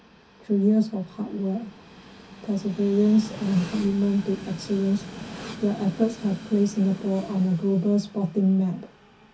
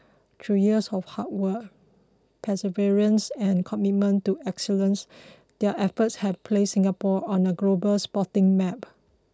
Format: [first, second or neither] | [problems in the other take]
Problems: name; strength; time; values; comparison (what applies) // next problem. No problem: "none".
second | background sound (Train); 16 dB below the speech // room echo; dies away in 0.3 s